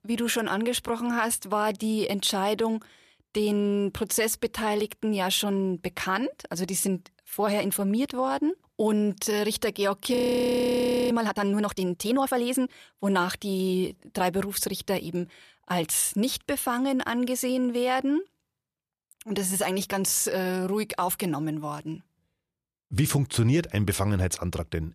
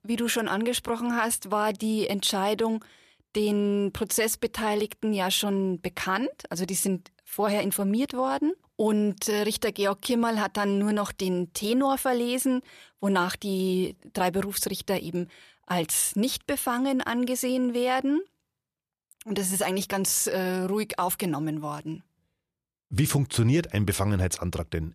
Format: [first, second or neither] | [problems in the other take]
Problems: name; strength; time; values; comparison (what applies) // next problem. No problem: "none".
second | audio freezing; at 10 s for 1 s